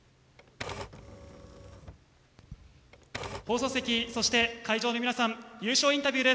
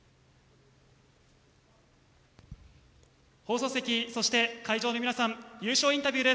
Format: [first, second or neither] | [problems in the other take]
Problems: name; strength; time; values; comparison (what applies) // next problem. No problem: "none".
second | background sound (Typewriter); 14 dB below the speech